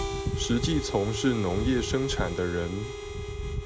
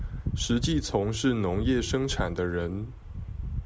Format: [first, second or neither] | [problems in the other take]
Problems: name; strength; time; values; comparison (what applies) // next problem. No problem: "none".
second | background sound (Harmonica); 8 dB below the speech